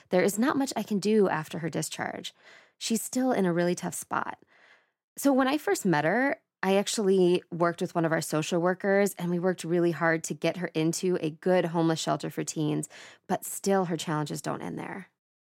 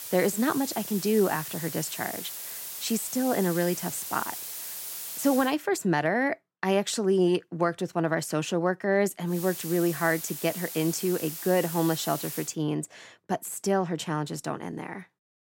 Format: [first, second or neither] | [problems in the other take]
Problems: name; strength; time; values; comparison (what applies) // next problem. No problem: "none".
first | hiss; loud; until 5.5 s and from 9.5 to 12 s; 7 dB below the speech